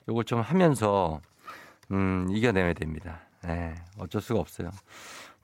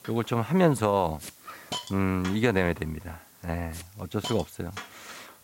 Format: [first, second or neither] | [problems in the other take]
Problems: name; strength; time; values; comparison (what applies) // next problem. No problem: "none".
first | hiss; noticeable; throughout; 15 dB below the speech